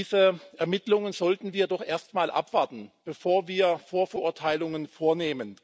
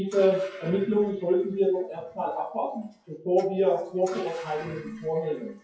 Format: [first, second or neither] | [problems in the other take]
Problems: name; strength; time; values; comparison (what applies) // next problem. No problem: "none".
first | noise reduction (classical method WPE with log-MMSE)